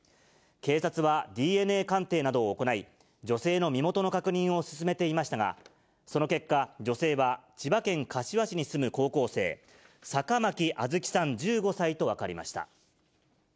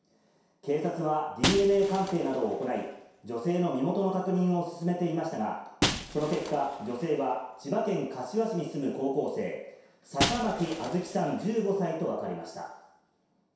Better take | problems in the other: first | background sound (Shatter); 9 dB below the speech // room echo; dies away in 0.7 s

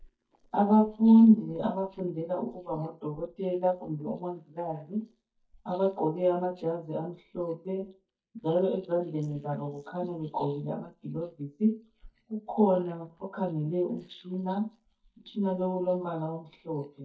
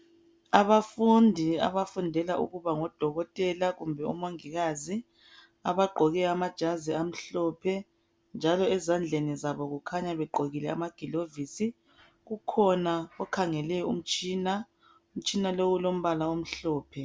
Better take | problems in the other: second | noise reduction (neural mask model DeepFilterNet 3)

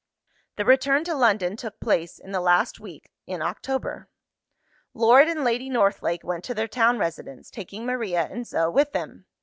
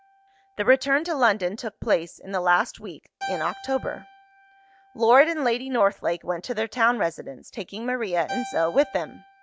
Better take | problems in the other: first | background sound (Keyboard (musical)); 18 dB below the speech

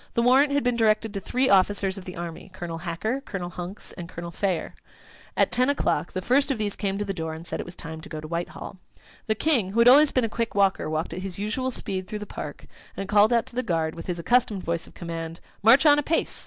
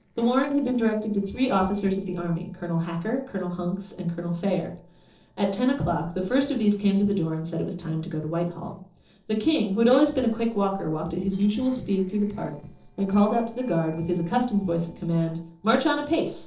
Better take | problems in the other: first | noise reduction (neural separator model SepFormer DNS4)

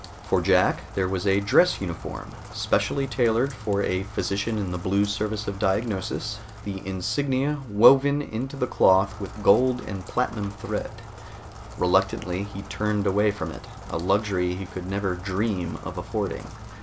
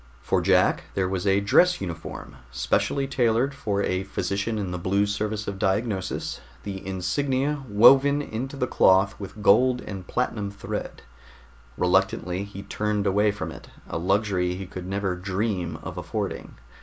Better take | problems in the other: second | background sound (Rain); 16 dB below the speech

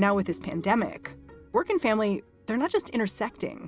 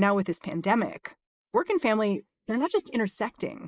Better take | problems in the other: first | noise reduction (neural mask model Resemble Enhance denoiser)

